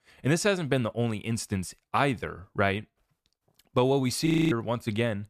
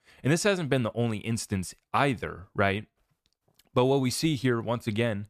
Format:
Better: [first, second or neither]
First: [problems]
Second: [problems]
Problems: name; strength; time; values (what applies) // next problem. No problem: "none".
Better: second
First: audio freezing; at 4.5 s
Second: none